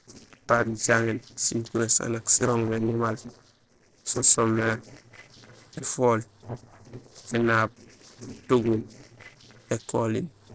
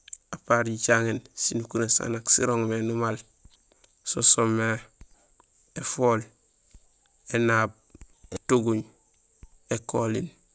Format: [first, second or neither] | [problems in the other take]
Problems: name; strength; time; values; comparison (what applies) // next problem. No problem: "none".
second | noise reduction (neural separator model SepFormer DNS4)